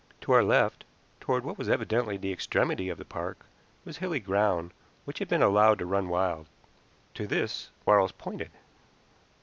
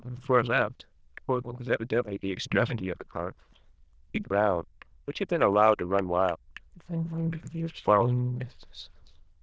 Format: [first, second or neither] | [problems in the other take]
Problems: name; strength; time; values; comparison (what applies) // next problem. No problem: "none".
first | noise reduction (neural diffusion model UNIVERSE++)